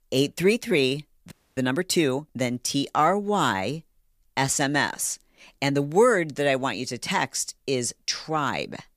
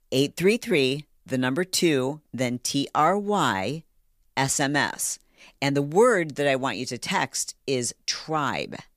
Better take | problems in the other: second | audio freezing; at 1.5 s

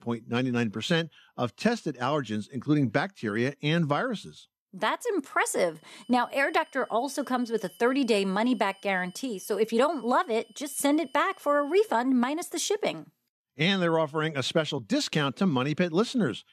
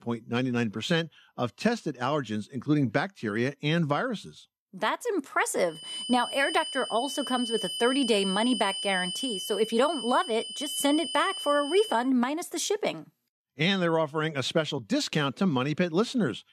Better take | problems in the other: first | high-pitched whine; loud; from 6 to 12 s; 3 kHz, 5 dB below the speech; faint in the first

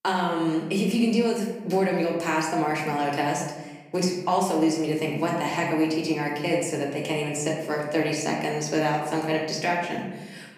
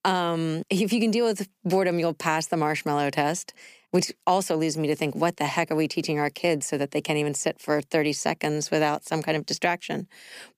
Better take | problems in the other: second | room echo; noticeable; dies away in 0.9 s // off-mic speech; somewhat distant

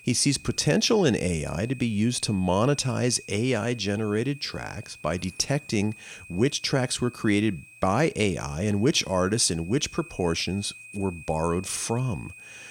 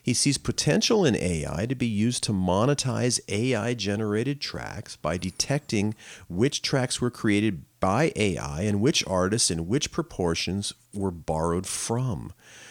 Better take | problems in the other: second | high-pitched whine; noticeable; throughout; 2.5 kHz, 20 dB below the speech

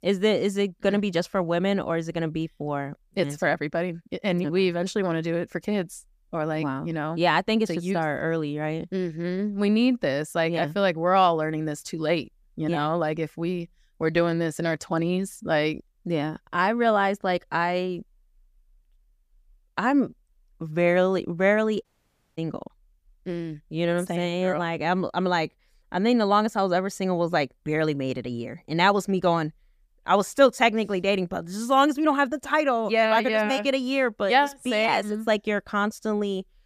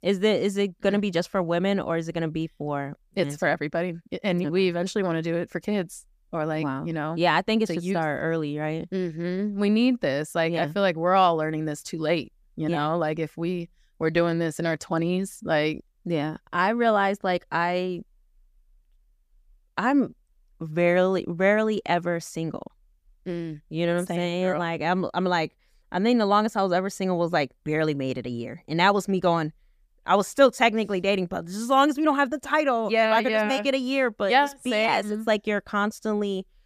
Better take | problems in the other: second | audio cutting out; at 22 s for 0.5 s

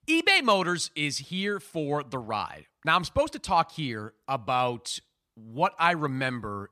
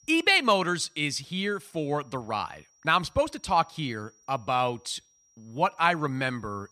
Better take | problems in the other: first | high-pitched whine; faint; throughout; 5.5 kHz, 35 dB below the speech

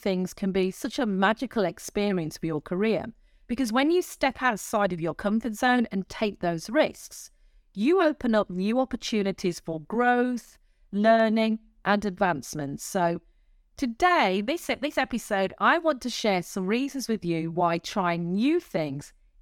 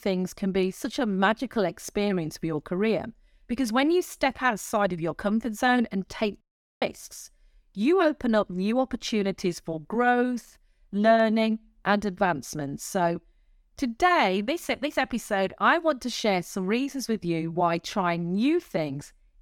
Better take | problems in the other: first | audio cutting out; at 6.5 s

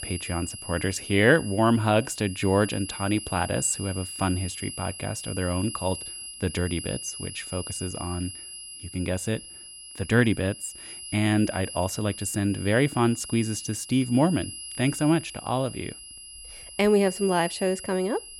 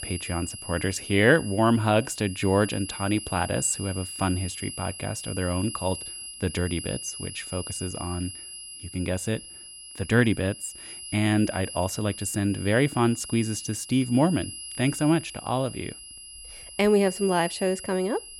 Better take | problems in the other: neither | high-pitched whine; noticeable; throughout; 11 kHz, 10 dB below the speech; the same in both

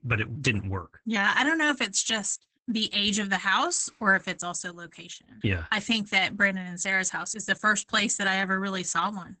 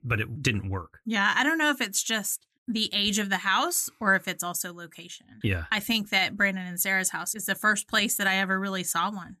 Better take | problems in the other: second | garbled, watery; badly; nothing above 8 kHz

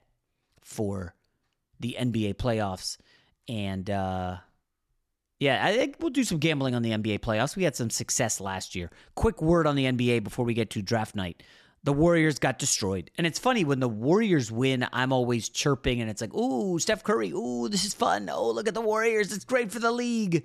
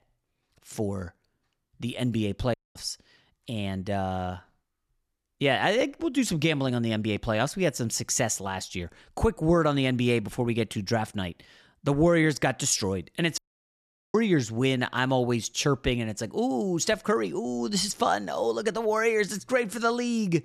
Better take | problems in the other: first | audio cutting out; at 2.5 s and at 13 s for 1 s

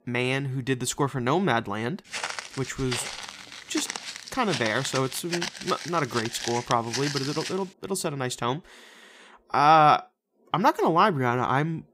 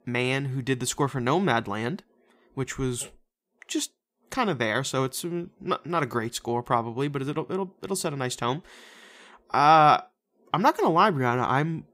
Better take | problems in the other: second | footsteps; noticeable; from 2 to 7.5 s; peak 4 dB below the speech

